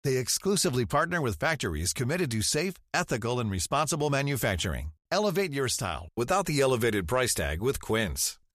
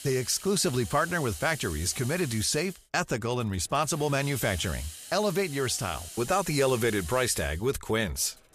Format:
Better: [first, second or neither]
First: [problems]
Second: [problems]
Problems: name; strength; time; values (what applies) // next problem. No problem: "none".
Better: first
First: none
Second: hiss; noticeable; throughout; 15 dB below the speech